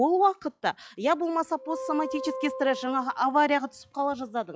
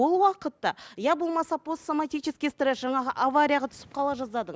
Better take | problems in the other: second | noise reduction (classical method log-MMSE)

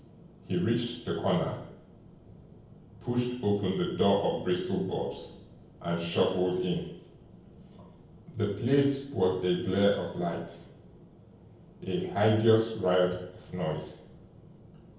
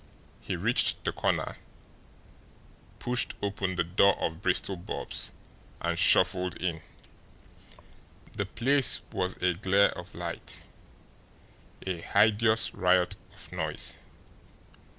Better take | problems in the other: second | room echo; dies away in 0.9 s

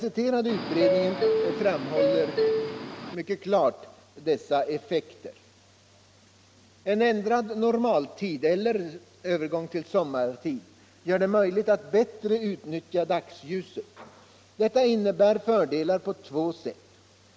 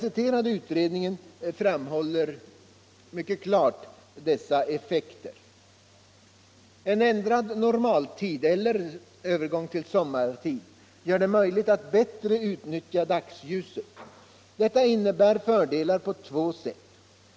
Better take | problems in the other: second | background sound (Subway, metro, underground); 1 dB above the speech

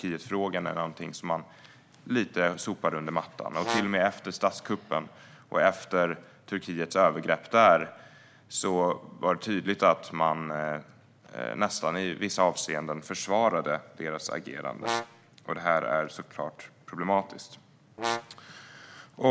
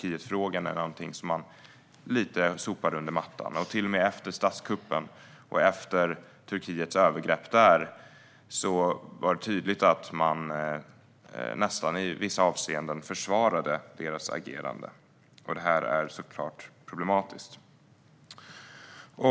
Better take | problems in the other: second | background sound (Brass instrument); 8 dB below the speech

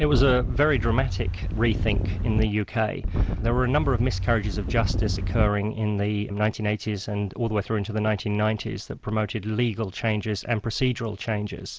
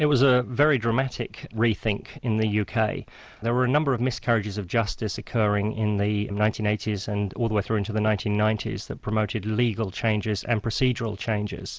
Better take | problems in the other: second | background sound (Wind); as loud as the speech

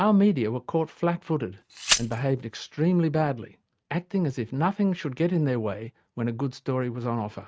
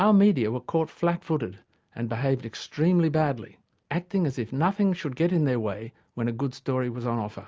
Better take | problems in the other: second | noise reduction (neural mask model RNNoise)

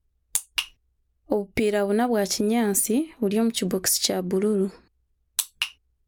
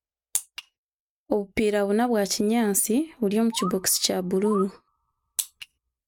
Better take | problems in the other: first | noise reduction (neural mask model RNNoise)

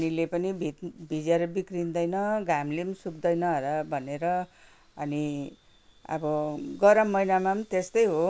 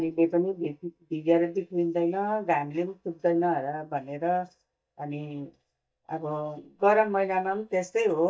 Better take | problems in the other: first | noise reduction (neural mask model DeepFilterNet 3)

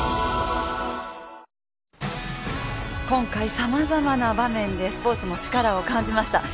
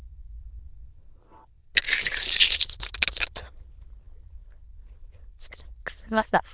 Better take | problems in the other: first | noise reduction (neural diffusion model UNIVERSE++)

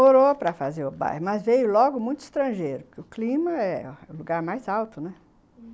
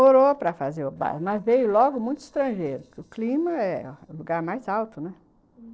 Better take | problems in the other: first | noise reduction (neural separator model SepFormer DNS4)

